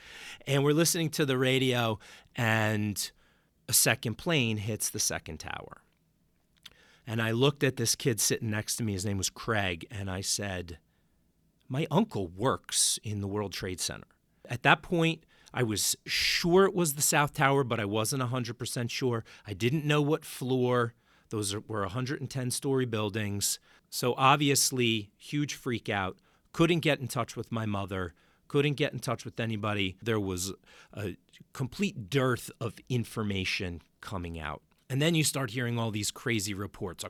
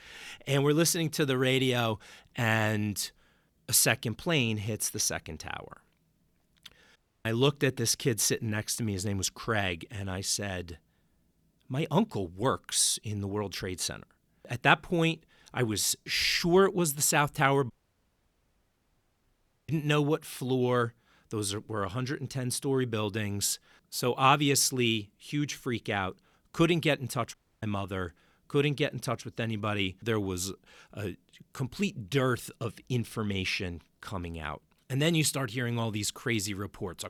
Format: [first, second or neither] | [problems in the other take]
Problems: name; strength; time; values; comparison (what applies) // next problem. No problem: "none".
first | audio cutting out; at 7 s, at 18 s for 2 s and at 27 s